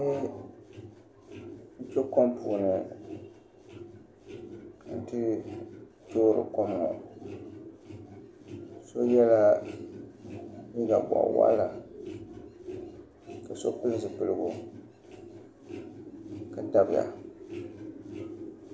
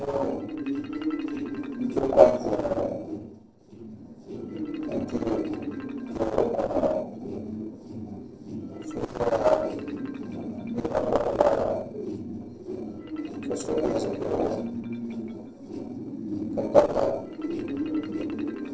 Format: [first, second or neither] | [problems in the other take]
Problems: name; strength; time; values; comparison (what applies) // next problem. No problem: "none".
first | noise reduction (neural separator model SepFormer DNS4)